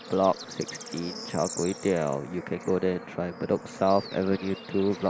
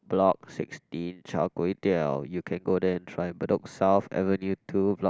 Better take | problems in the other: second | background sound (Bird / Insect / Frog); 13 dB below the speech

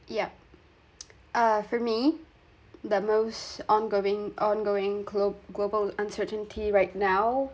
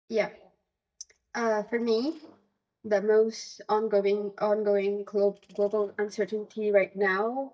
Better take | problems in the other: first | noise reduction (neural mask model DeepFilterNet 3)

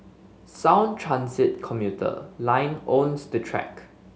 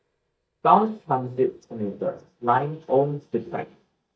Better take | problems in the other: first | noise reduction (neural mask model DeepFilterNet 3)

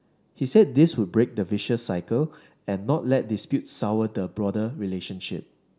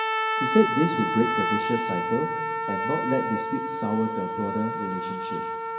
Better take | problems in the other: first | background sound (Trumpet); as loud as the speech // room echo; dies away in 2.2 s

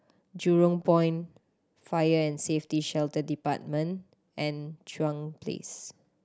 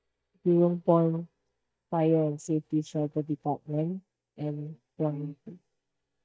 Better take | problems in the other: first | noise reduction (neural mask model DeepFilterNet 3)

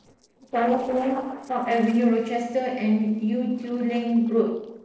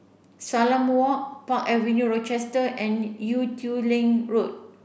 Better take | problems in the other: second | noise reduction (neural separator model SepFormer DNS4)

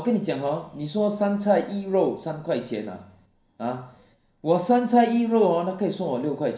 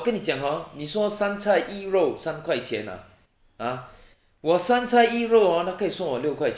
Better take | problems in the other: second | room echo; dies away in 0.3 s

